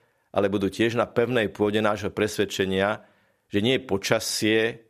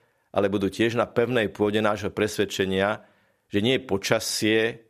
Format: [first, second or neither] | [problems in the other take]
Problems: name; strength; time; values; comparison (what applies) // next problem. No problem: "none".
neither | none